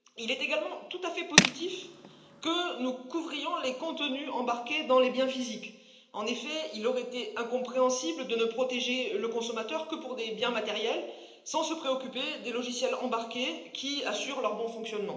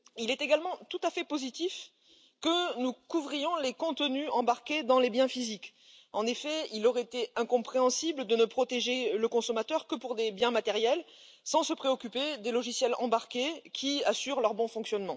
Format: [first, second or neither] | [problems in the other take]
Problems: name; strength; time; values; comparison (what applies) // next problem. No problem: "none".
second | background sound (Tools); 4 dB above the speech // room echo; dies away in 0.9 s